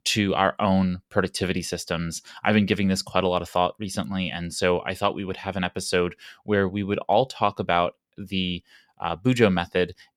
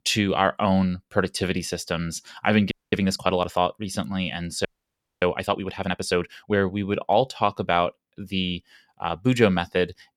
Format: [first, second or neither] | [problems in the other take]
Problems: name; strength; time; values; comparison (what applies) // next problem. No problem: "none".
first | audio freezing; at 2.5 s and at 4.5 s for 0.5 s